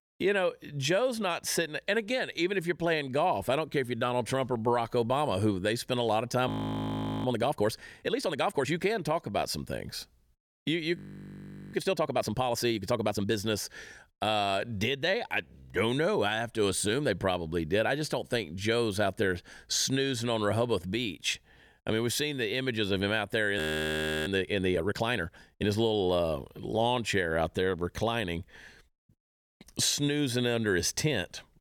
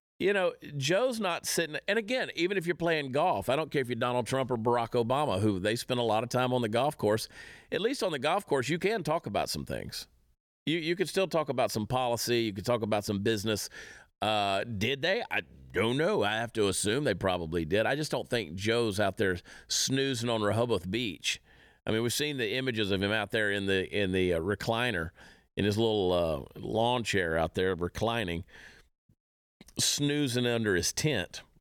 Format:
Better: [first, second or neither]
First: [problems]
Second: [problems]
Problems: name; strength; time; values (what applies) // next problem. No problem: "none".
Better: second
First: audio freezing; at 6.5 s for 1 s, at 11 s for 1 s and at 24 s for 0.5 s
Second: none